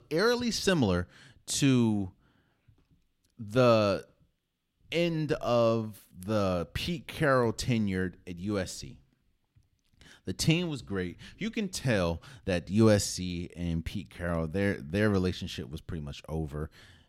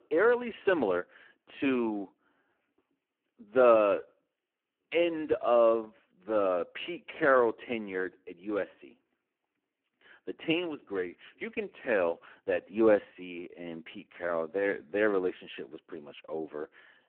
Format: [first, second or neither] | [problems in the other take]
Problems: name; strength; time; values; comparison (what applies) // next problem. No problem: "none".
first | phone-call audio; poor line